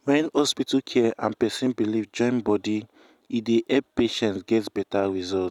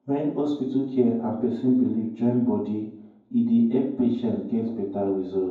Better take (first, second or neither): first